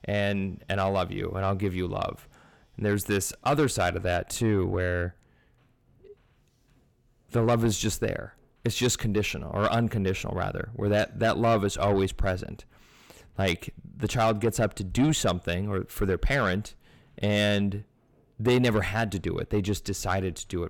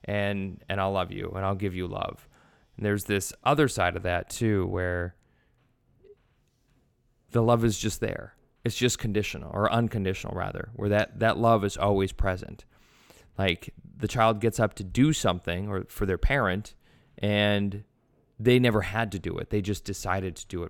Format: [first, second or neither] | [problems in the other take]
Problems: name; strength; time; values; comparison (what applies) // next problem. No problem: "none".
second | distortion; slight; 10 dB below the speech